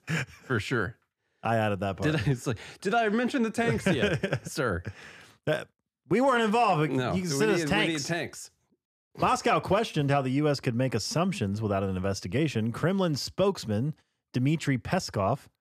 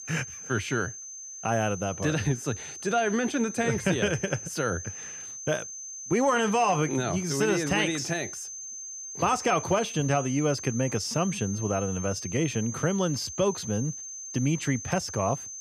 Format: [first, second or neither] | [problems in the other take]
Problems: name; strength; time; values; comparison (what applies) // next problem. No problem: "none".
first | high-pitched whine; loud; throughout; 6.5 kHz, 9 dB below the speech